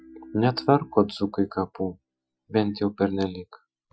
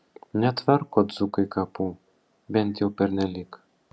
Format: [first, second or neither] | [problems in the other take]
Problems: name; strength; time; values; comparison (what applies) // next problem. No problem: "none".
second | noise reduction (classical method Wiener filter)